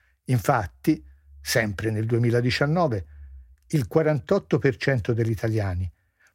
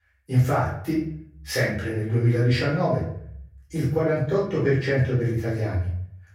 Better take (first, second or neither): first